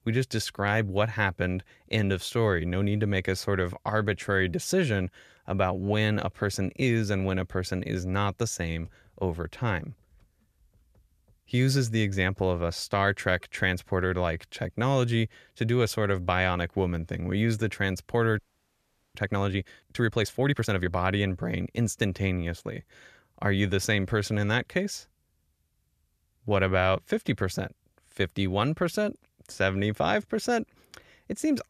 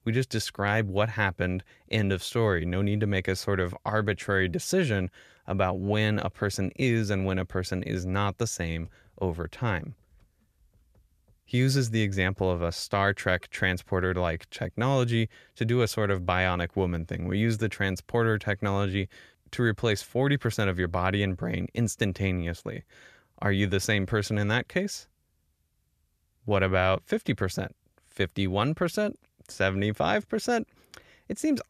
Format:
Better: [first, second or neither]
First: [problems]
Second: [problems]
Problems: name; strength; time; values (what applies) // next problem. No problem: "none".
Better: second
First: audio freezing; at 18 s for 1 s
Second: none